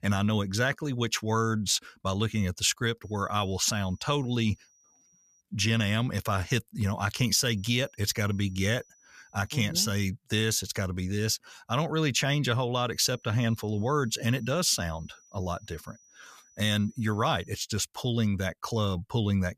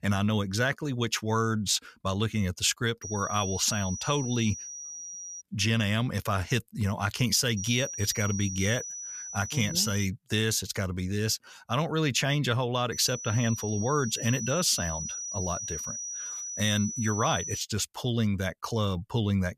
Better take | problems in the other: first | high-pitched whine; loud; from 3 to 5.5 s, from 7.5 to 10 s and from 13 to 18 s; 6 kHz, 7 dB below the speech; faint in the first

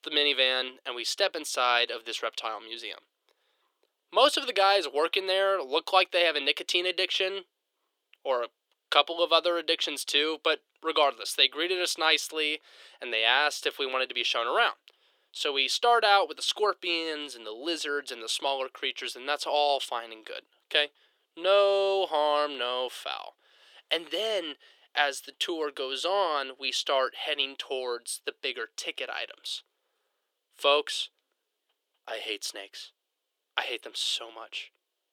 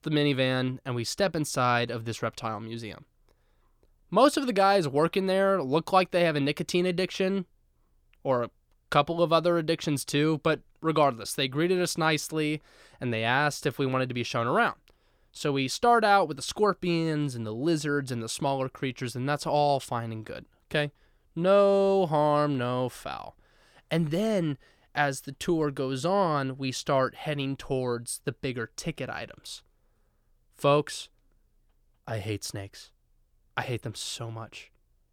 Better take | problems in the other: second | thin; very; fading below 400 Hz

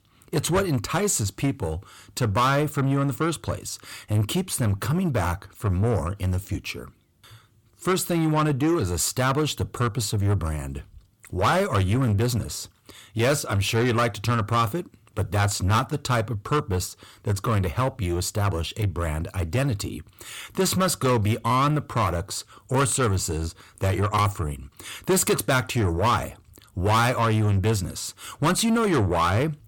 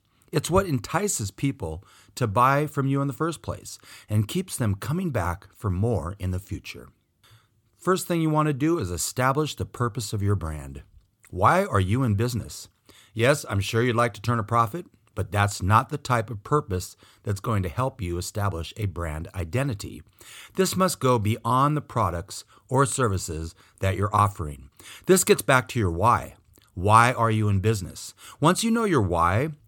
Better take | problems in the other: second | distortion; heavy; 8 dB below the speech

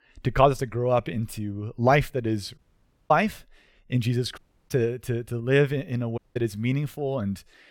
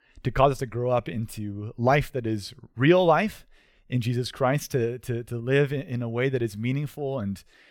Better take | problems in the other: second | audio cutting out; at 2.5 s for 0.5 s, at 4.5 s and at 6 s

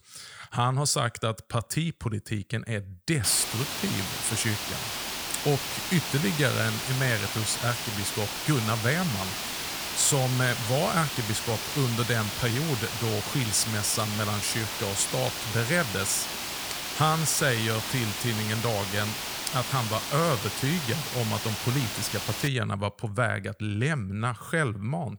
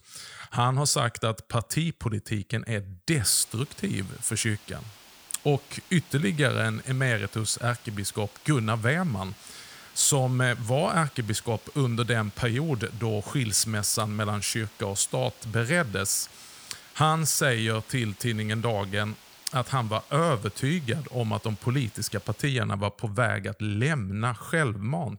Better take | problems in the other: second | hiss; loud; from 3 to 22 s; 3 dB below the speech; faint in the second

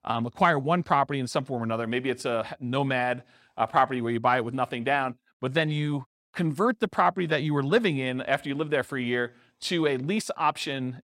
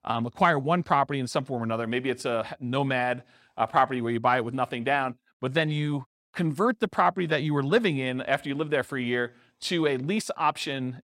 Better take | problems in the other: neither | none

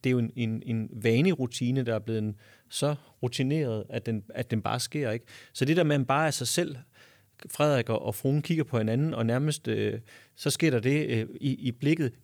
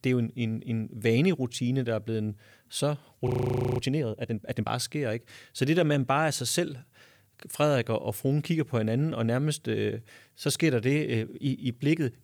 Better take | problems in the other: first | audio freezing; at 3.5 s for 0.5 s

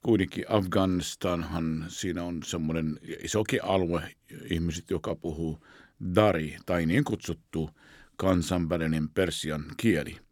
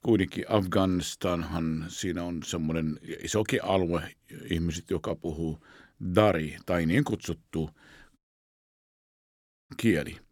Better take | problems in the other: first | audio cutting out; at 8 s for 1.5 s

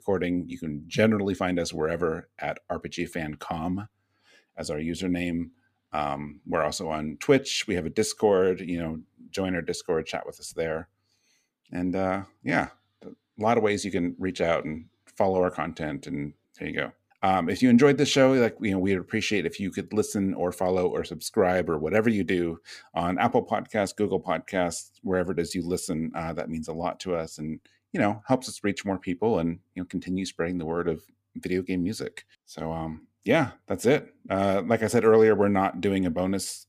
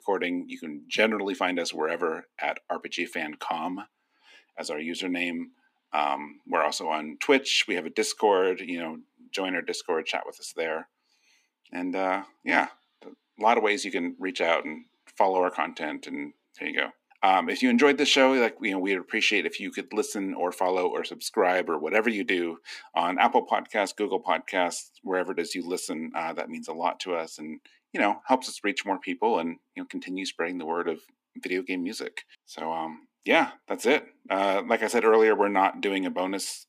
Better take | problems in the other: first | thin; very slightly; fading below 250 Hz

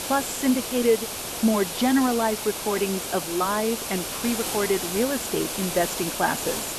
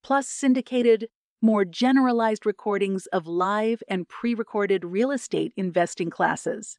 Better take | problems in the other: second | hiss; loud; throughout; 4 dB below the speech

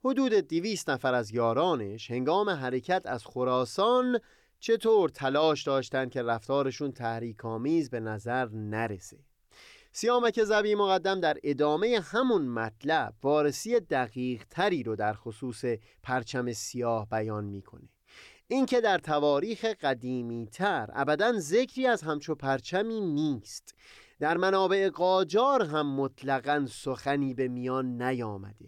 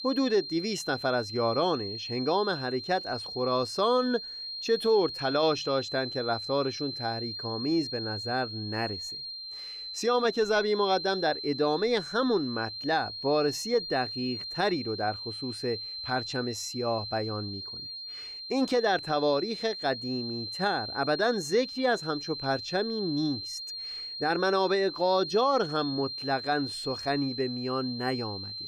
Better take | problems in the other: first | high-pitched whine; loud; throughout; 4 kHz, 7 dB below the speech

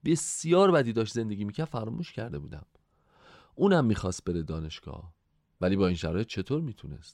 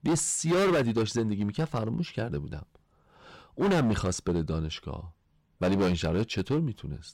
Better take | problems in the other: first | distortion; heavy; 10% of the sound clipped

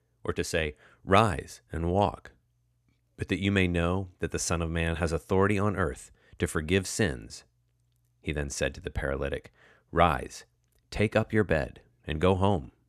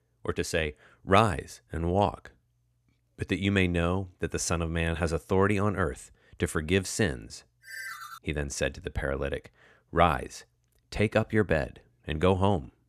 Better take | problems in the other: first | phone ringing; faint; at 7.5 s; peak 10 dB below the speech

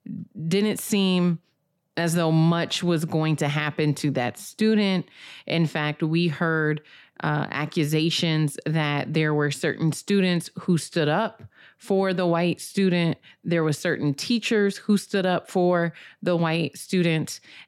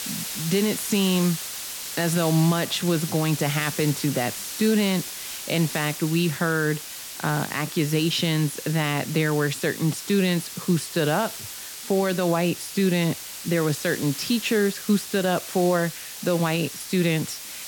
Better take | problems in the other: first | hiss; loud; throughout; 8 dB below the speech

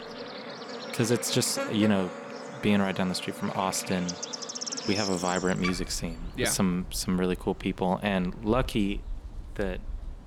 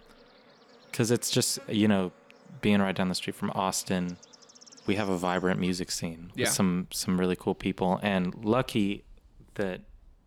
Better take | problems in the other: second | animal sounds; loud; throughout; 9 dB below the speech; faint in the second

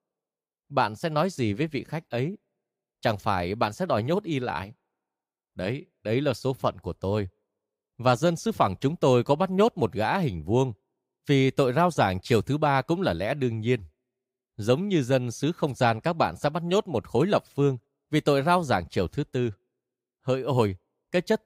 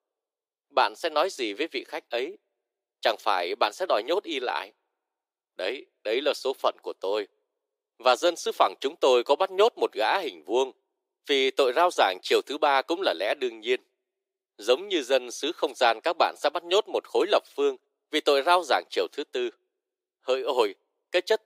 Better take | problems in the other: first | thin; very; fading below 350 Hz

